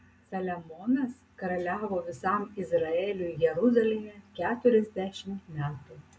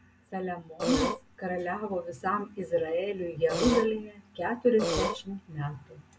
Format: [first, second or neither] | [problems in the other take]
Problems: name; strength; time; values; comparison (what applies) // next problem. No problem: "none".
first | background sound (Burping, eructation); as loud as the speech